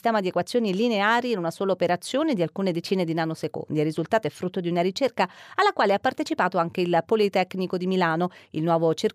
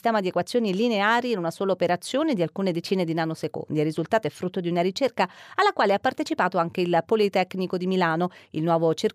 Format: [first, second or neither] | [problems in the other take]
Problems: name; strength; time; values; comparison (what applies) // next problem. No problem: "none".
neither | none